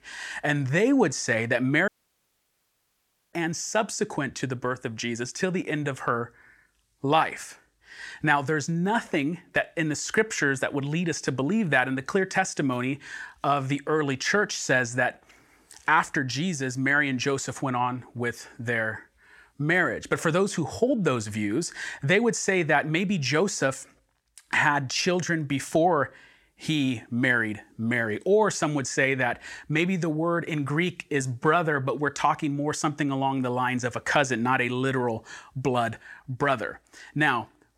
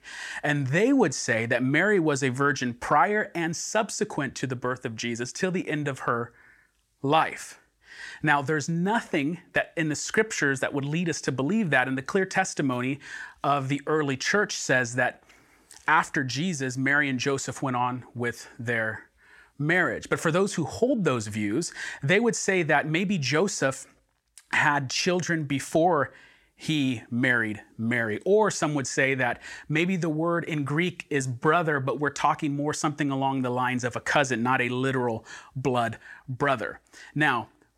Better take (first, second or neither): second